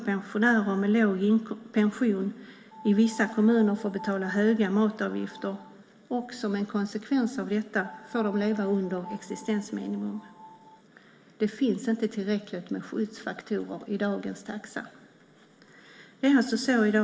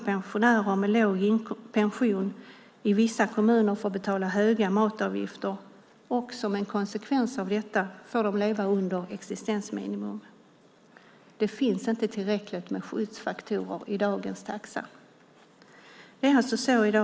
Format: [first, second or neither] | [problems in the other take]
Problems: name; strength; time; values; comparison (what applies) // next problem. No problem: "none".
second | background sound (Piano); 20 dB below the speech // room echo; dies away in 1.1 s